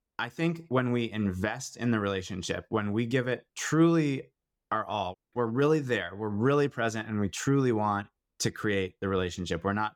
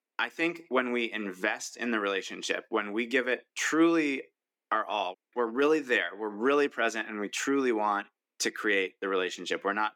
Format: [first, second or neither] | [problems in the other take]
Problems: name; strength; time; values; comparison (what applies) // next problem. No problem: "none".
first | thin; somewhat; fading below 250 Hz